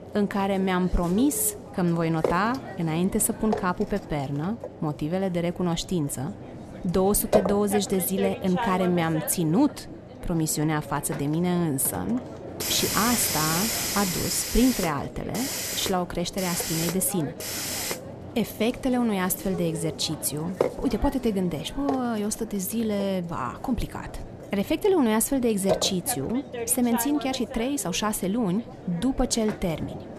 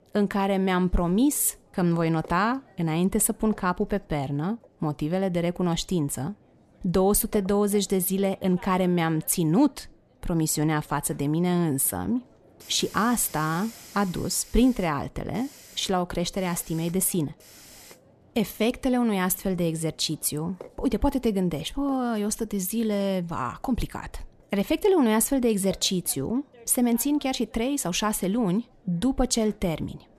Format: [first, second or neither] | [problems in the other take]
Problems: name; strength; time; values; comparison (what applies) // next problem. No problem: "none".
second | hiss; loud; throughout; 6 dB below the speech; faint in the second